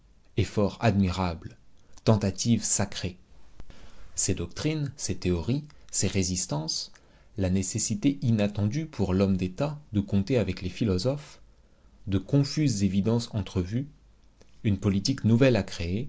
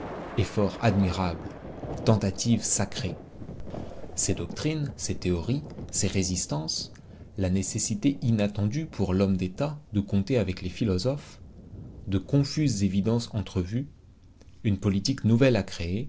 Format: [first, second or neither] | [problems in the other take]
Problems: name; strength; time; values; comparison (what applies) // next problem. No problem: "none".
first | background sound (Thunder); 15 dB below the speech